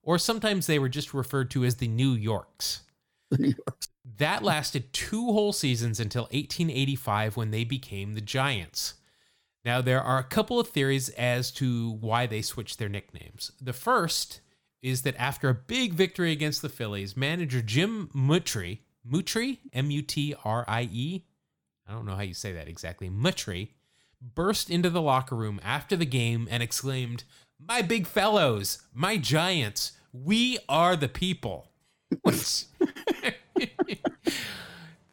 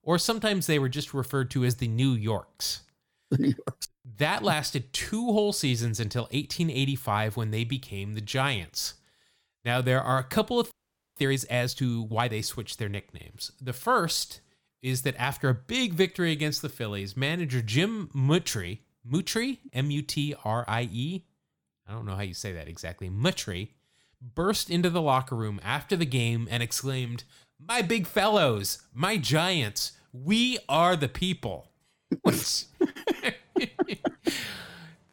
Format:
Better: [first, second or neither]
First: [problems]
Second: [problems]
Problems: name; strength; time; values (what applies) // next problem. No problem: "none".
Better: first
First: none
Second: audio freezing; at 11 s